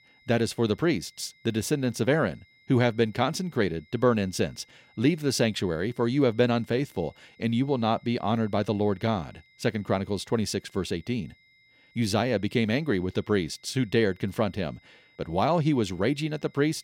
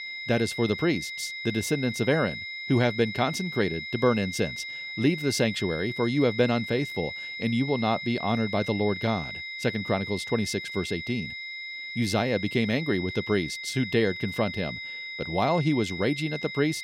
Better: first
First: high-pitched whine; faint; throughout; 2 kHz, 30 dB below the speech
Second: high-pitched whine; loud; throughout; 2 kHz, 7 dB below the speech

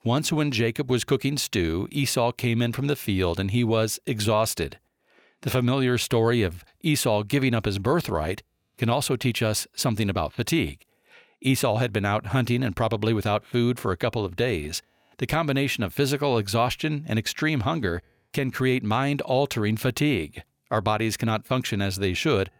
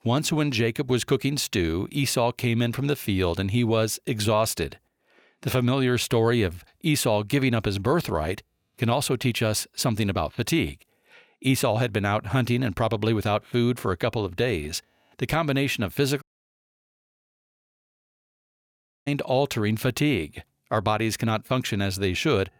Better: first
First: none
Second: audio cutting out; at 16 s for 3 s

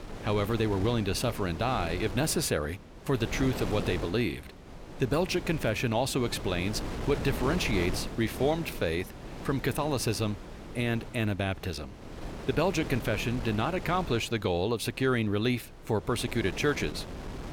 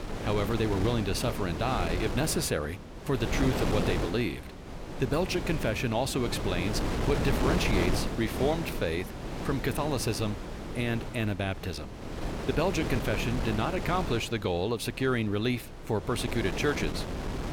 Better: first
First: wind noise on the microphone; occasional gusts; 10 dB below the speech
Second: wind noise on the microphone; heavy; 5 dB below the speech

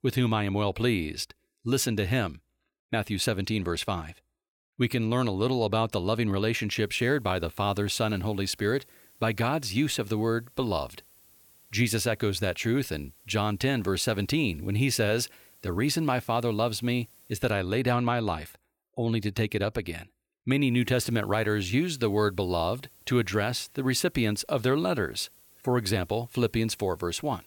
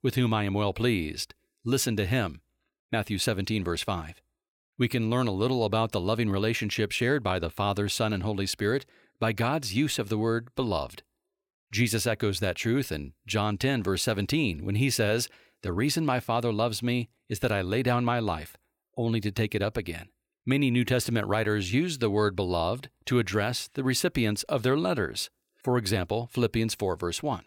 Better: second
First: hiss; faint; from 7 to 17 s and from 21 s on; 25 dB below the speech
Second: none

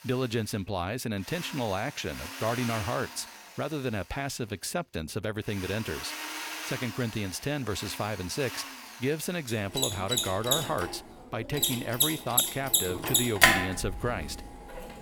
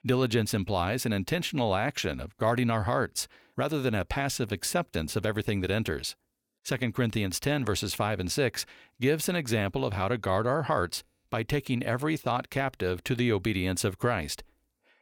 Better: second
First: machinery noise; very loud; throughout; 4 dB above the speech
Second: none

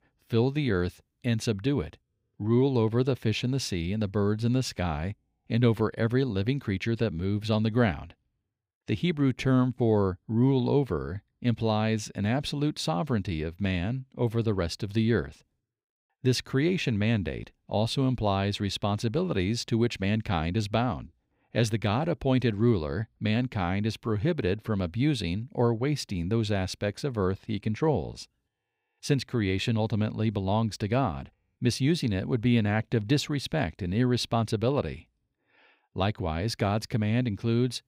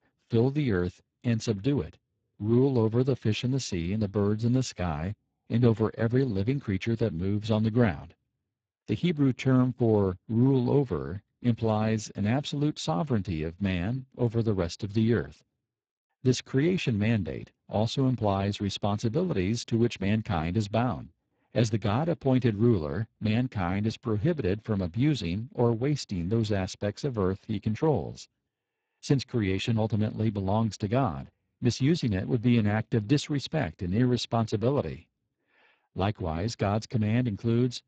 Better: first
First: none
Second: garbled, watery; badly; nothing above 7.5 kHz

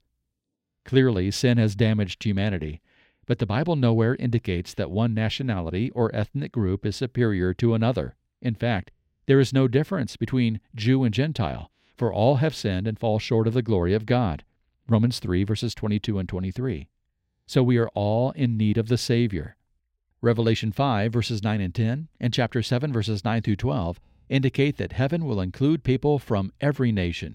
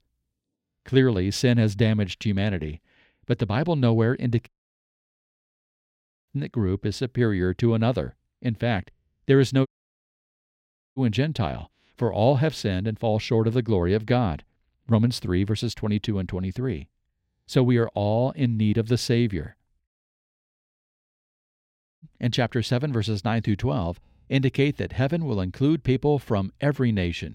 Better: first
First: none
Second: audio cutting out; at 4.5 s for 2 s, at 9.5 s for 1.5 s and at 20 s for 2 s

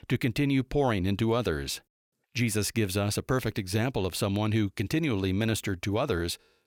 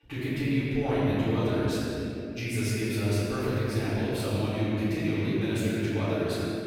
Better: first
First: none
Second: room echo; strong; dies away in 3 s // off-mic speech; far

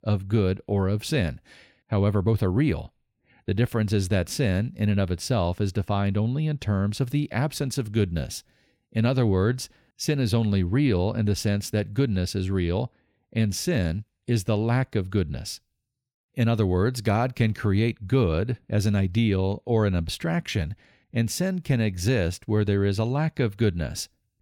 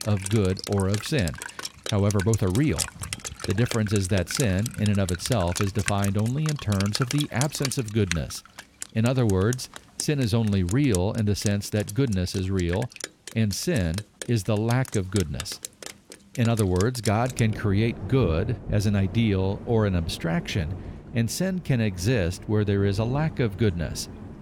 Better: first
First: none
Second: rain or running water; noticeable; throughout; 10 dB below the speech

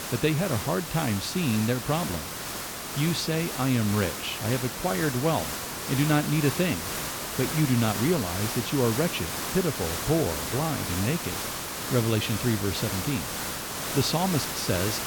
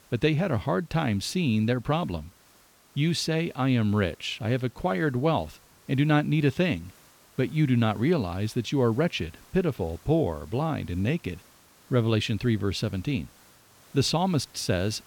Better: second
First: hiss; loud; throughout; 4 dB below the speech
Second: hiss; faint; throughout; 30 dB below the speech

